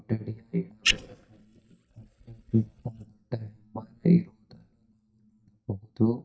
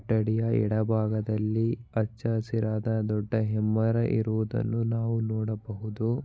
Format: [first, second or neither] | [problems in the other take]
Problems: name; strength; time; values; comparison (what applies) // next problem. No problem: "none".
second | noise reduction (neural mask model DeepFilterNet 3)